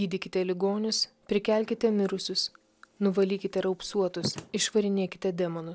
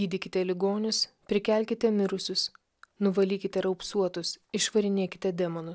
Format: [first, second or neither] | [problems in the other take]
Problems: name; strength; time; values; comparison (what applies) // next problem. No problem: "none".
second | background sound (Slam); 19 dB below the speech